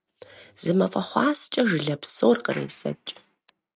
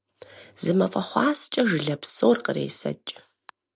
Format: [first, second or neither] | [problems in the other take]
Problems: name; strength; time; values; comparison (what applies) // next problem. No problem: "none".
second | noise reduction (neural mask model RNNoise)